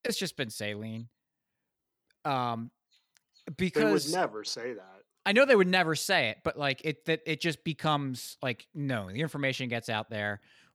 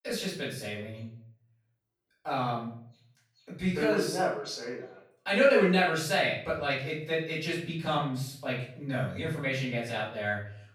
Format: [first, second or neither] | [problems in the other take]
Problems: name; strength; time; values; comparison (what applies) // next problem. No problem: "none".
first | off-mic speech; far // room echo; noticeable; dies away in 0.5 s